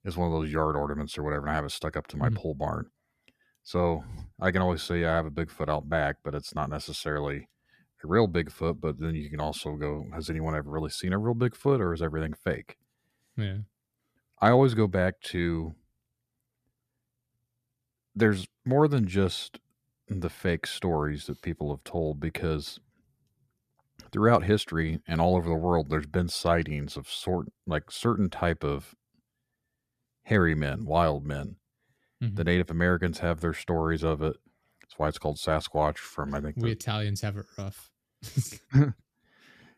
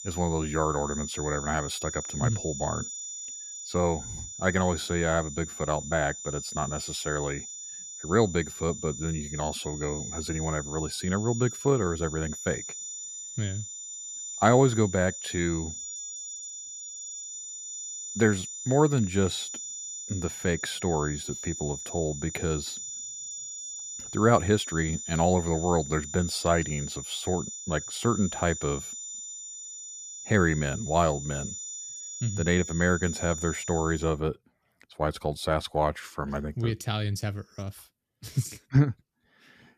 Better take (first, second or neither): first